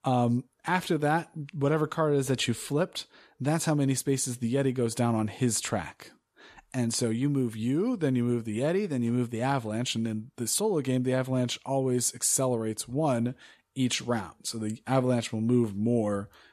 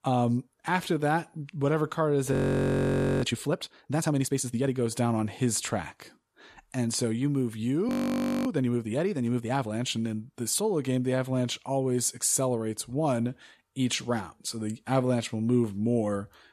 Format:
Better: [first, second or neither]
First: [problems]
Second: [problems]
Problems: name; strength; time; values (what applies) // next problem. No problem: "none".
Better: first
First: none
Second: audio freezing; at 2.5 s for 1 s and at 8 s for 0.5 s